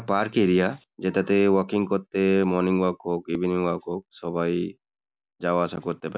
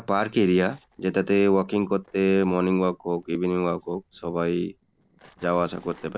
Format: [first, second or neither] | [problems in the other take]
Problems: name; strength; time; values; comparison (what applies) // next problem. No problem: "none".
first | noise reduction (neural separator model SepFormer DNS4)